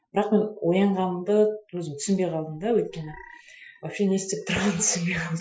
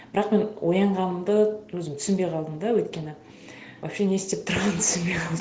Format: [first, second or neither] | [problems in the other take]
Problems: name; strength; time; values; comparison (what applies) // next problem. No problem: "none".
second | noise reduction (classical method Wiener filter)